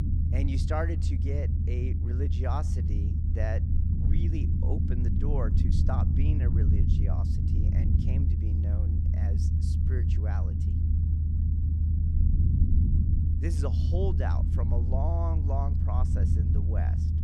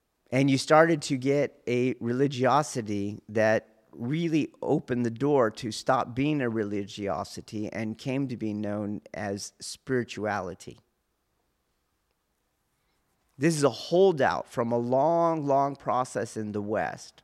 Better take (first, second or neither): second